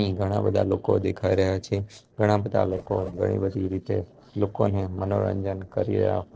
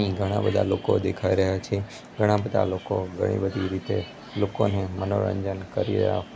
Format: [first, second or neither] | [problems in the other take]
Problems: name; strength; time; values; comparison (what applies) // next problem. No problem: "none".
second | noise reduction (neural separator model SepFormer DNS4)